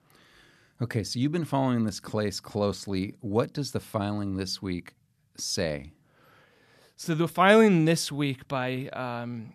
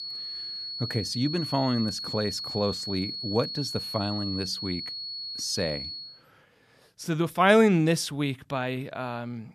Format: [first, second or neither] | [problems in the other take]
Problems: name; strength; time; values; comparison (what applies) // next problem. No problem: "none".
first | high-pitched whine; loud; until 6 s; 4.5 kHz, 5 dB below the speech